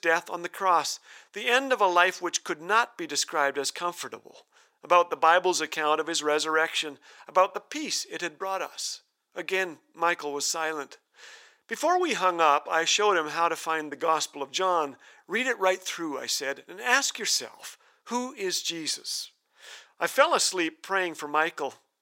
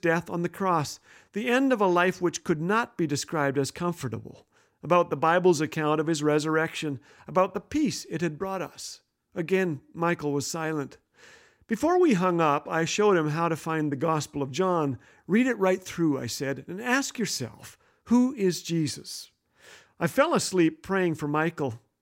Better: second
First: thin; very; fading below 650 Hz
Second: none

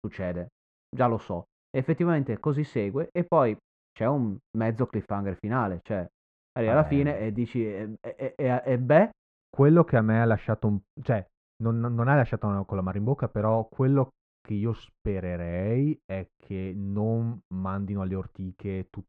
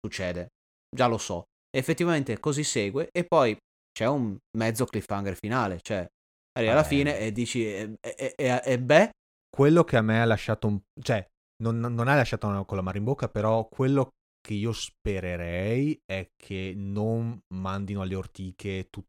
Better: second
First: muffled; very; fading above 1.5 kHz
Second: none

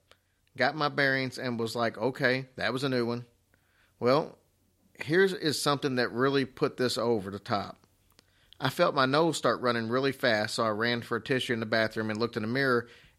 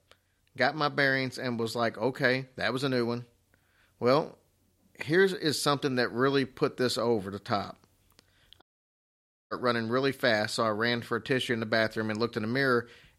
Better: first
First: none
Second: audio cutting out; at 8.5 s for 1 s

